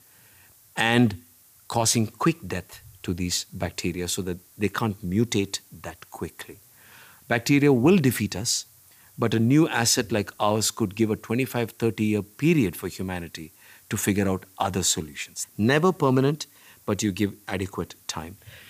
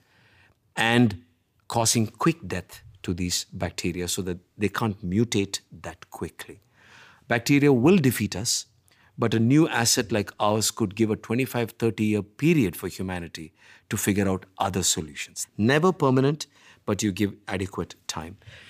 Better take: second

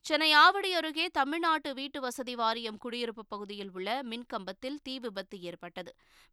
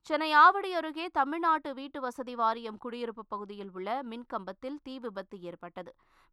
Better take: first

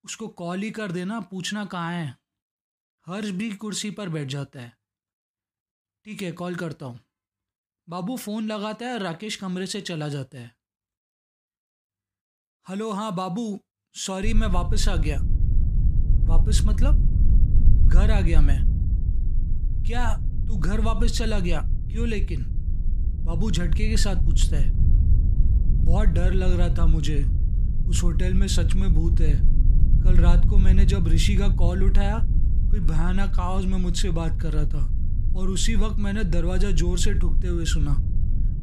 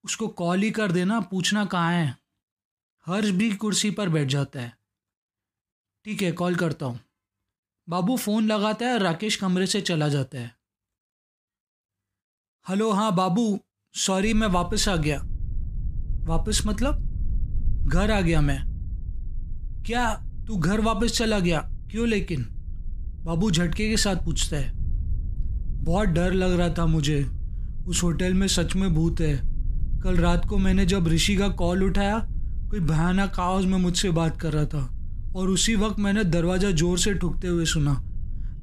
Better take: second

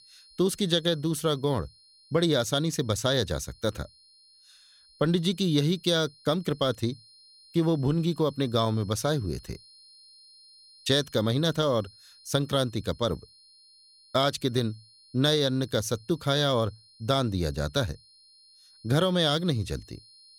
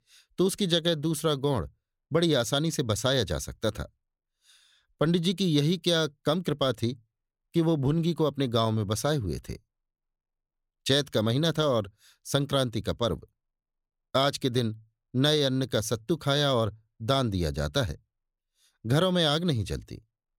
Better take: second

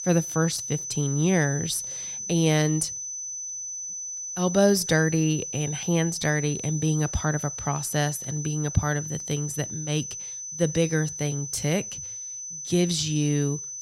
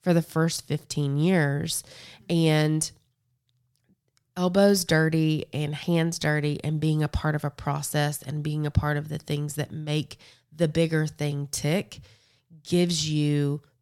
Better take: second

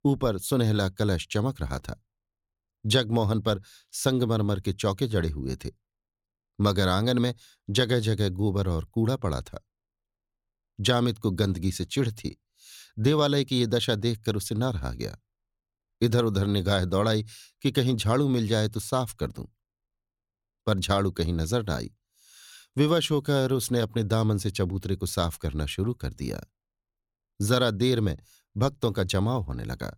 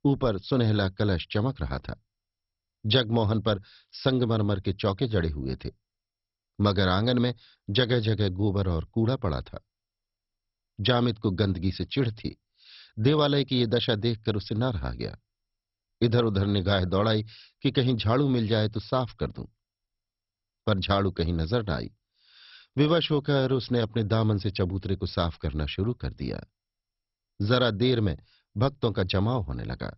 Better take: first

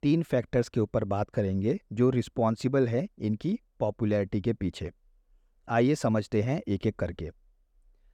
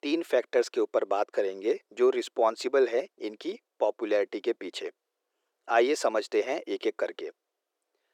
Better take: first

